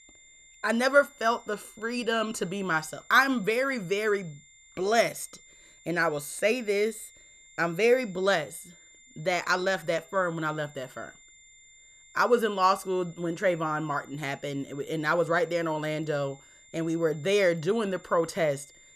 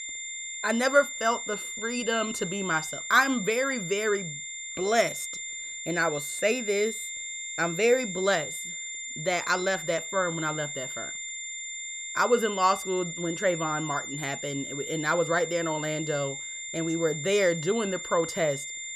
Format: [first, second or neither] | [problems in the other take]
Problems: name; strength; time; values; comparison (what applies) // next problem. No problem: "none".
first | high-pitched whine; loud; throughout; 2 kHz, 7 dB below the speech; faint in the first